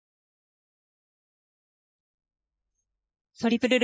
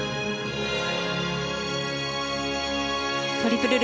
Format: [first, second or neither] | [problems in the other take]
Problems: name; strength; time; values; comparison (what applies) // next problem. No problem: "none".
second | noise reduction (neural mask model Resemble Enhance denoiser)